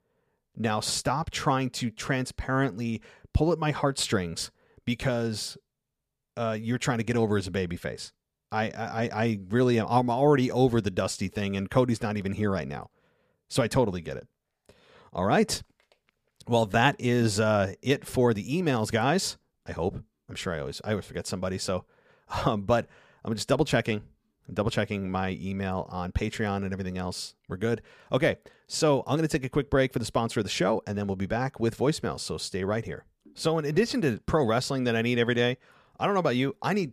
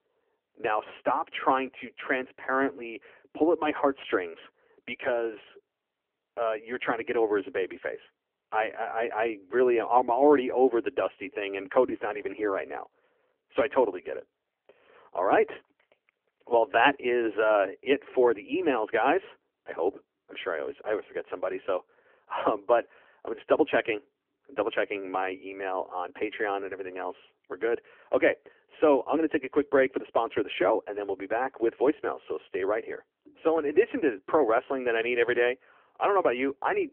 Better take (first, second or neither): first